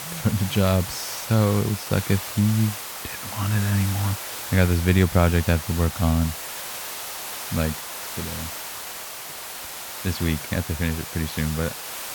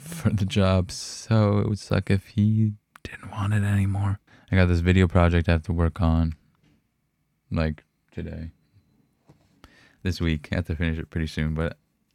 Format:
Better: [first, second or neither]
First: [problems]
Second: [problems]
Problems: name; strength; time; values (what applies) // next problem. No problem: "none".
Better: second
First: hiss; loud; throughout; 8 dB below the speech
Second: none